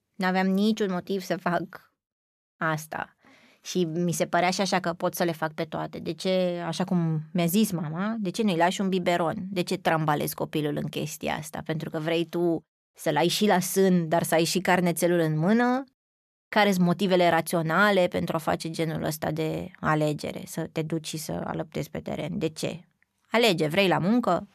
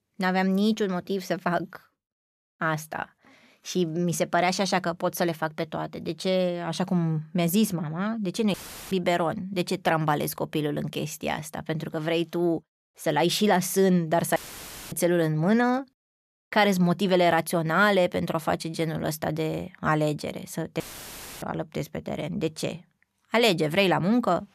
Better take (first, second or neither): first